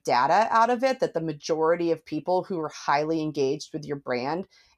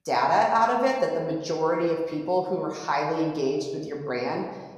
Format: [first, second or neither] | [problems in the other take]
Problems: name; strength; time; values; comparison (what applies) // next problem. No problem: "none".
first | room echo; noticeable; dies away in 1 s // off-mic speech; somewhat distant